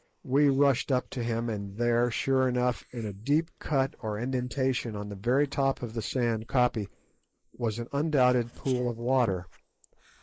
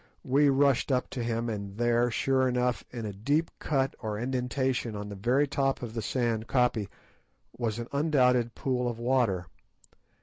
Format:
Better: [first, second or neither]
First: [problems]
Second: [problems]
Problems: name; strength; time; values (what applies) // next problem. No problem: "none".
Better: second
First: noise reduction (neural mask model Resemble Enhance denoiser)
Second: none